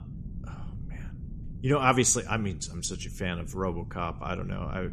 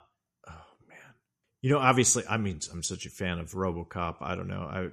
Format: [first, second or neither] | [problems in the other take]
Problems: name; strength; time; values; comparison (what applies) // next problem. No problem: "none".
second | low rumble; faint; throughout; 25 dB below the speech